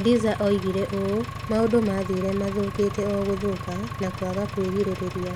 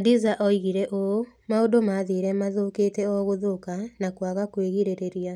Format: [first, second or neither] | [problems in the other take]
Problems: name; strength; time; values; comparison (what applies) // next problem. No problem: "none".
second | background sound (Engine); 8 dB below the speech